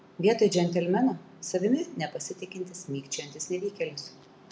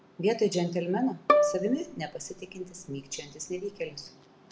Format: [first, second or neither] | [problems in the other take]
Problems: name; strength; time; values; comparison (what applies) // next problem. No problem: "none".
first | background sound (Bowed string instrument); 1 dB above the speech